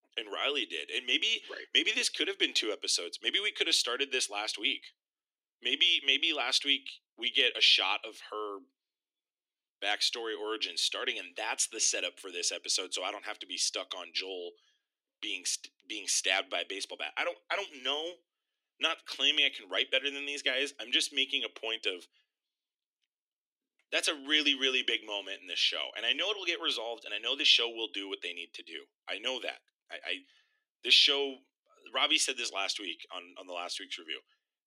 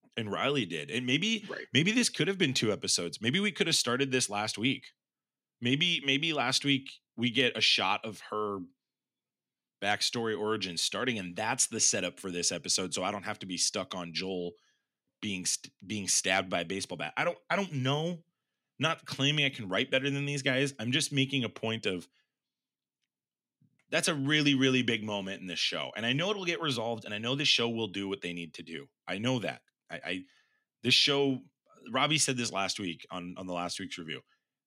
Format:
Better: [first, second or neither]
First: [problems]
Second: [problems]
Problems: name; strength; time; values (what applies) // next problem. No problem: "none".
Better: second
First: thin; somewhat; fading below 300 Hz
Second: none